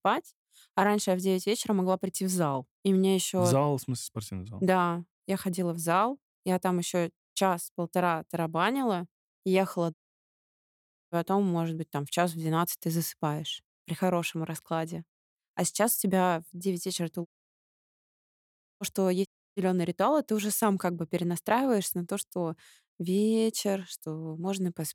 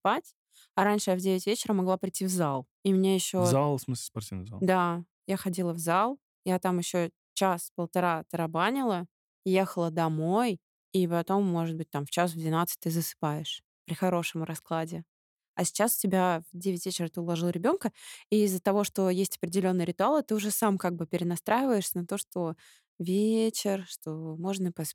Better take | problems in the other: second | audio cutting out; at 10 s for 1 s, at 17 s for 1.5 s and at 19 s

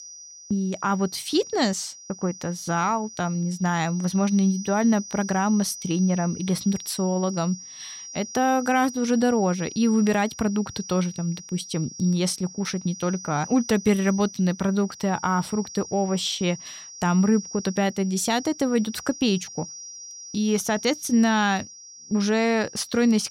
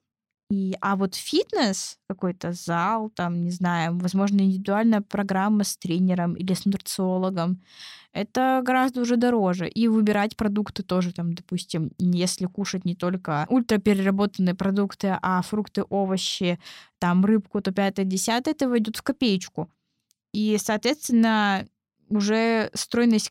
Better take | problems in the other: second | high-pitched whine; noticeable; throughout; 5.5 kHz, 15 dB below the speech

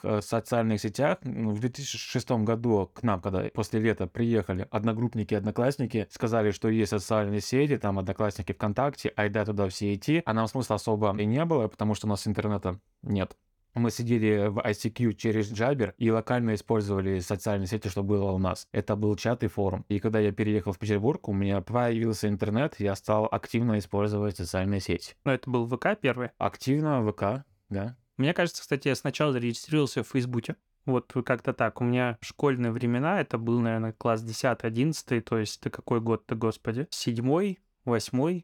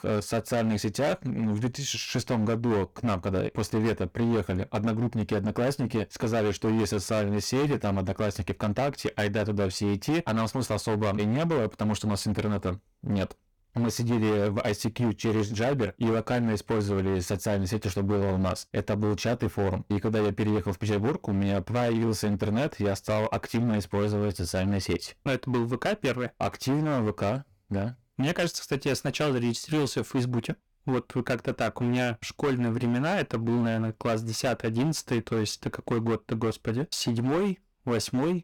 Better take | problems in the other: first | distortion; heavy; 16% of the sound clipped

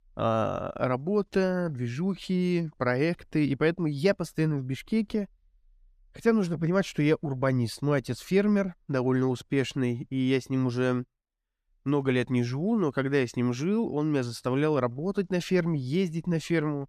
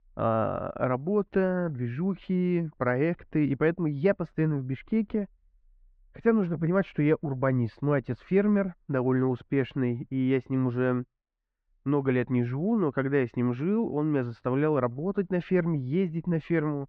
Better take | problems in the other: first | muffled; very; fading above 2 kHz

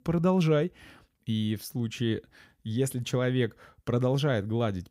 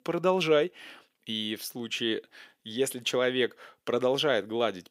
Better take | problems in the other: first | thin; somewhat; fading below 400 Hz

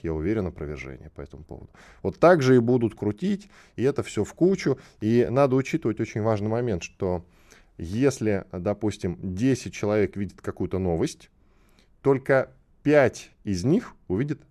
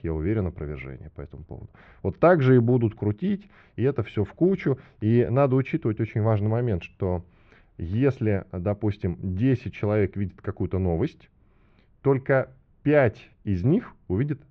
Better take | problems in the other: first | muffled; very; fading above 3.5 kHz

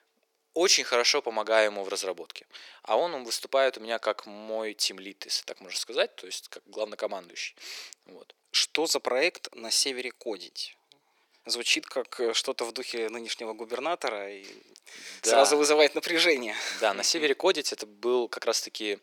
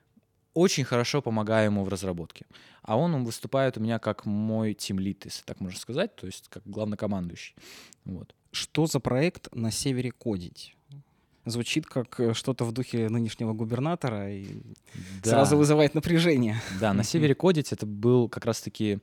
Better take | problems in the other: second | thin; very; fading below 400 Hz

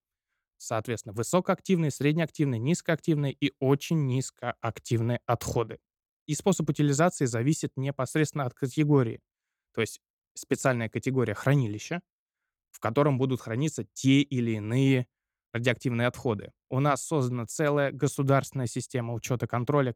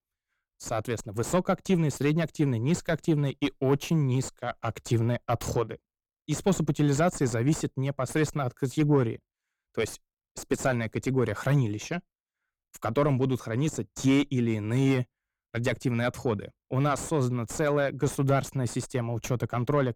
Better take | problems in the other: first | distortion; slight; 10 dB below the speech

